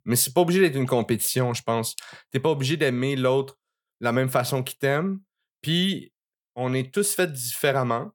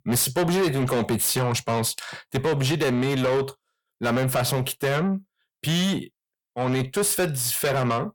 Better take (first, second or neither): first